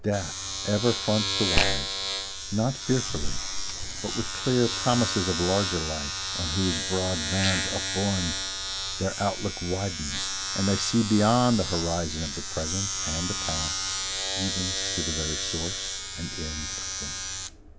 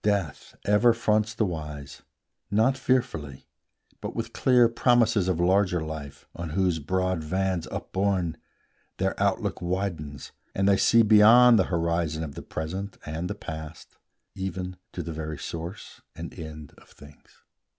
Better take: second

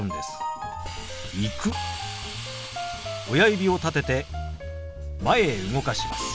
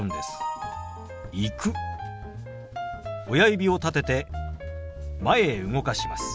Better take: second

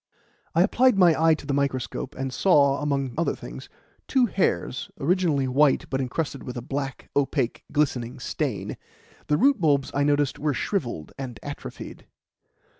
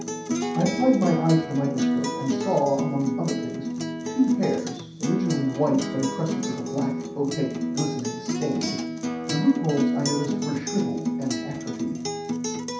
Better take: first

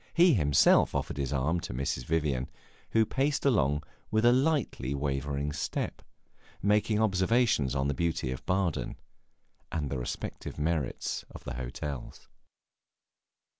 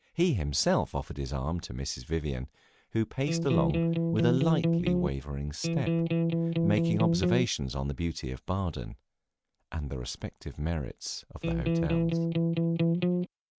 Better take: first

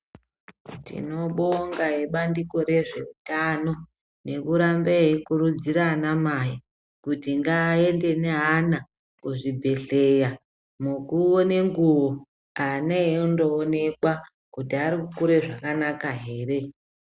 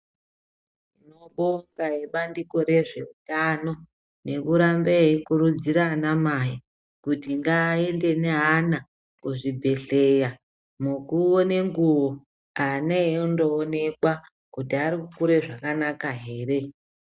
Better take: first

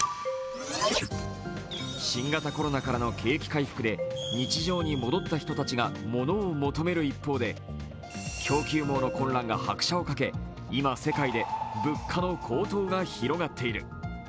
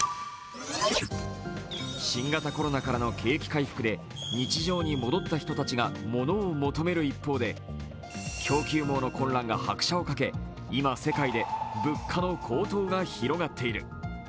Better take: second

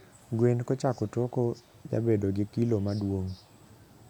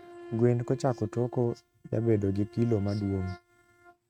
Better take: first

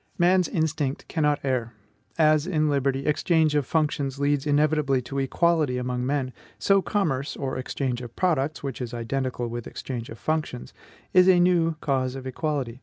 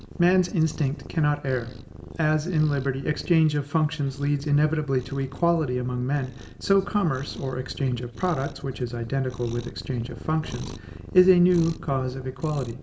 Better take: first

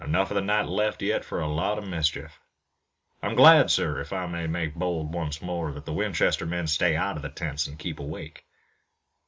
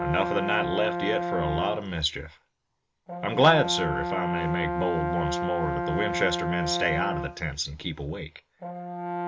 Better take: first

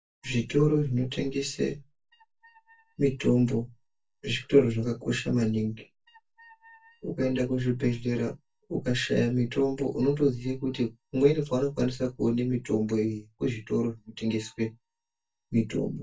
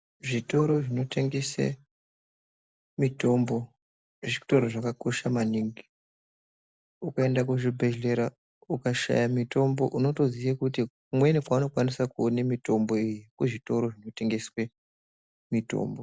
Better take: second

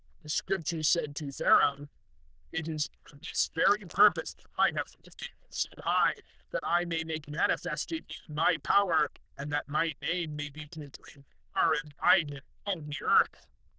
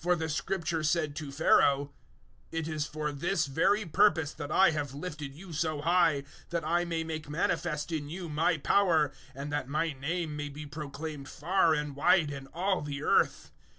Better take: second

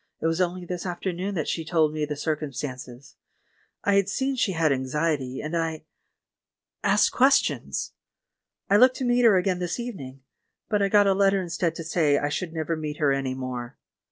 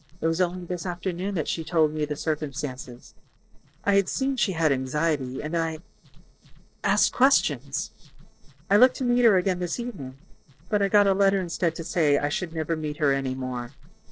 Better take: first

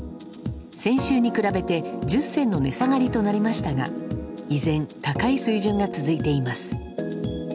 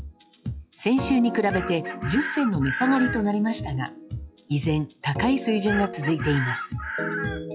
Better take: first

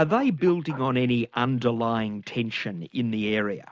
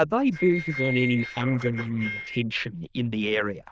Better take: first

